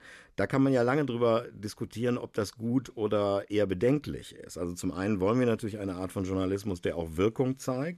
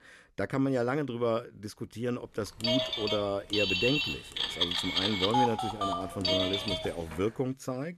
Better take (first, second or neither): first